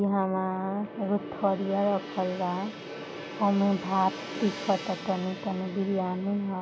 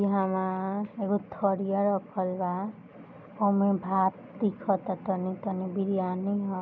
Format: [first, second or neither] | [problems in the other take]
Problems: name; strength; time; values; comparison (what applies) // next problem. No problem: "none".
second | background sound (Gong); 12 dB below the speech